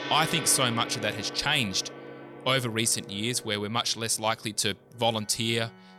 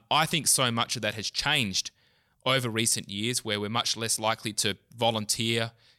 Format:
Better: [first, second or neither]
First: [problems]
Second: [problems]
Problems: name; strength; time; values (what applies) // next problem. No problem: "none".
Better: second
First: background music; noticeable; throughout; 10 dB below the speech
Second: none